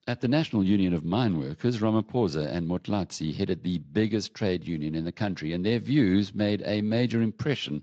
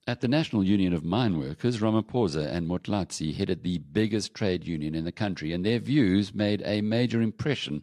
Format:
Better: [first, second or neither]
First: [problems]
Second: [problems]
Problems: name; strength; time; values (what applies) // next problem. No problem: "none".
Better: second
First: garbled, watery; slightly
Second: none